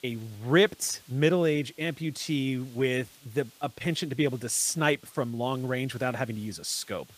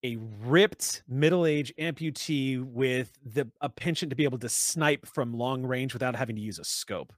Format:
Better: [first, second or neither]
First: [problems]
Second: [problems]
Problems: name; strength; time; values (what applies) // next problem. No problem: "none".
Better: second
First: hiss; faint; throughout; 25 dB below the speech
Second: none